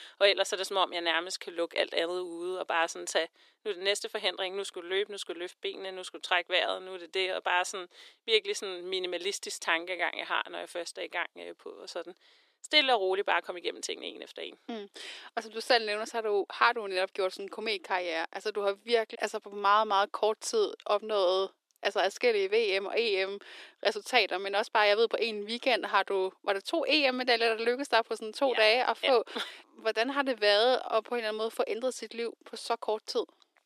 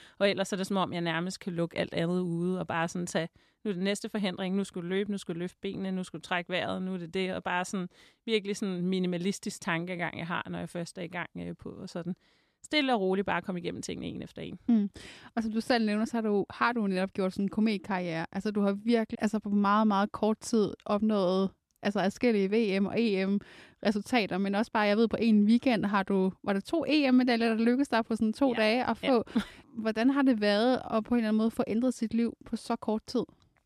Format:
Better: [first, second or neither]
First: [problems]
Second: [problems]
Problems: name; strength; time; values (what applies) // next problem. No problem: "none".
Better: second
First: thin; very; fading below 350 Hz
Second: none